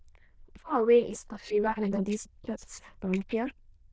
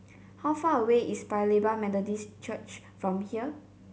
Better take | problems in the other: second | noise reduction (neural diffusion model UNIVERSE++)

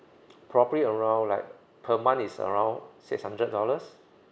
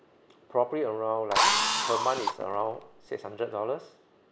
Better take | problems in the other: first | background sound (Drill); 4 dB above the speech

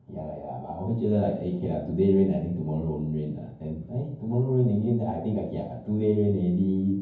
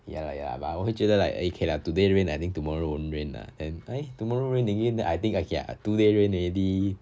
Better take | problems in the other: second | room echo; dies away in 0.9 s

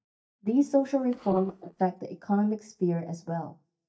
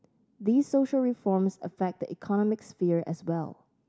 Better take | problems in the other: second | noise reduction (neural mask model DeepFilterNet 3)

